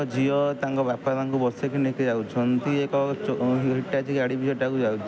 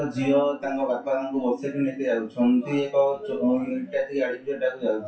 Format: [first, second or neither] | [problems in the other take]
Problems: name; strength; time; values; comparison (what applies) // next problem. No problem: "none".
first | noise reduction (classical method WPE with log-MMSE)